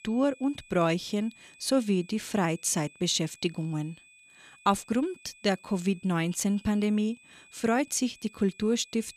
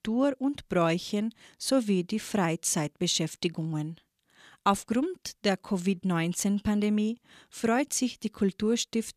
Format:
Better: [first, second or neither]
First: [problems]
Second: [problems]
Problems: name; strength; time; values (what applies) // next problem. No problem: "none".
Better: second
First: high-pitched whine; faint; throughout; 2.5 kHz, 25 dB below the speech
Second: none